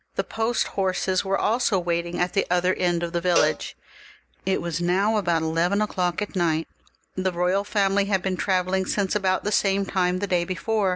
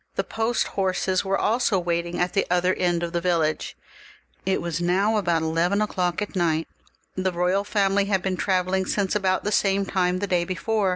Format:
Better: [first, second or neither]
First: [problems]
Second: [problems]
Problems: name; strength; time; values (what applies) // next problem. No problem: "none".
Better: second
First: background sound (Cowbell); 9 dB below the speech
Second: none